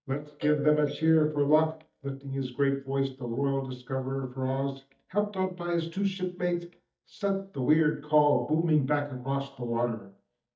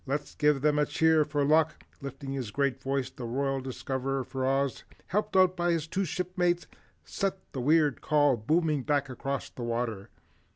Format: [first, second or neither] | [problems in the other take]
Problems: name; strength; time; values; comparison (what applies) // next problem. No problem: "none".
second | noise reduction (neural mask model DeepFilterNet 3)